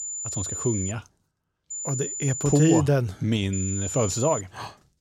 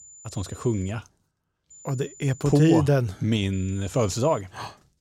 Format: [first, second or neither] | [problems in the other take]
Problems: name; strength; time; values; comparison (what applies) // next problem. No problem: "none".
second | high-pitched whine; loud; at the start, from 1.5 to 3 s and at 3.5 s; 7 kHz, 6 dB below the speech; faint in the second